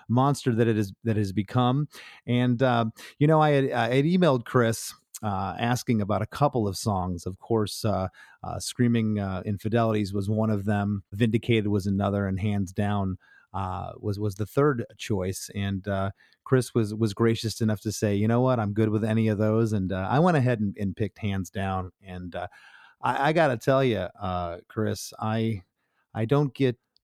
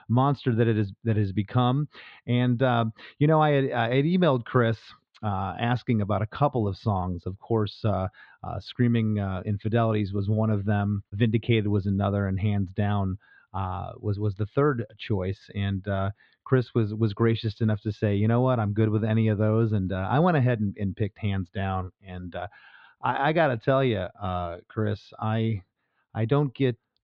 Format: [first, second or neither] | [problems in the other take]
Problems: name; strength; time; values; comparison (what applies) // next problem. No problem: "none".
first | muffled; slightly; fading above 4 kHz